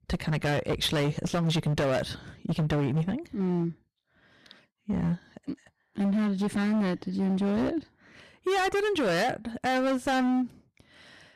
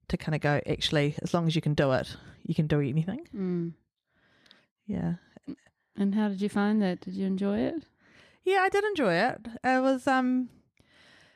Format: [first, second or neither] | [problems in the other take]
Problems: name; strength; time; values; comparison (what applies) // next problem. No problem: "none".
second | distortion; heavy; 18% of the sound clipped